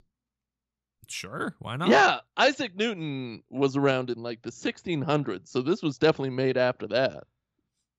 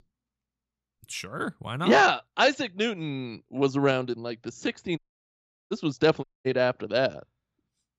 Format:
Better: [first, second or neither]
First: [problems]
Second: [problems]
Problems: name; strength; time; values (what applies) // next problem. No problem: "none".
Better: first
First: none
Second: audio cutting out; at 5 s for 0.5 s and at 6 s